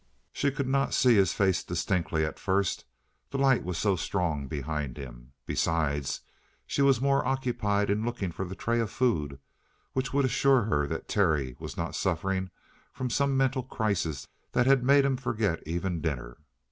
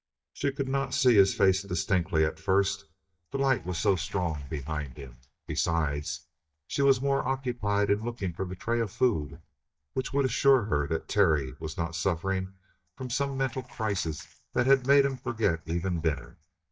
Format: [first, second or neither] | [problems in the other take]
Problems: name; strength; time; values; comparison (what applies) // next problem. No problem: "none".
first | noise reduction (neural mask model DeepFilterNet 3)